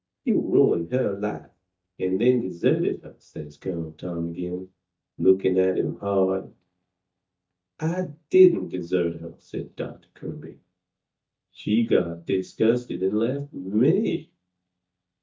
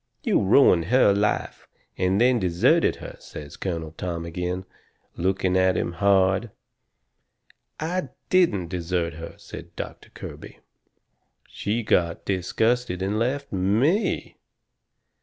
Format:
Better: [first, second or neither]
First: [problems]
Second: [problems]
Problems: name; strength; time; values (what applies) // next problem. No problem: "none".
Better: second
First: noise reduction (neural mask model DeepFilterNet 3)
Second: none